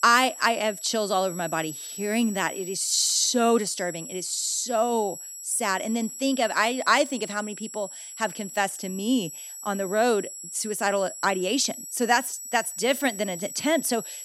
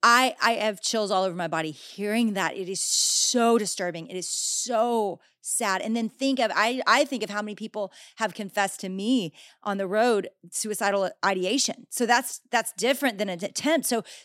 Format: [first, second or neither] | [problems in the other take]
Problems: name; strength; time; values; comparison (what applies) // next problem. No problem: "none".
second | high-pitched whine; noticeable; throughout; 7.5 kHz, 10 dB below the speech